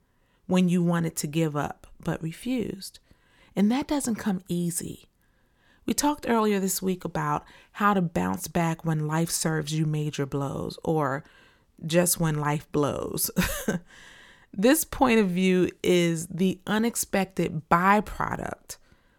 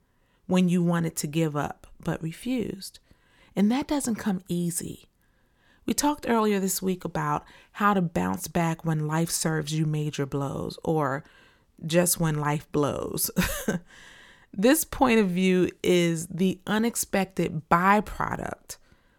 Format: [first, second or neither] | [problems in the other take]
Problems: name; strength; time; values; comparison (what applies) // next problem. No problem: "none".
neither | none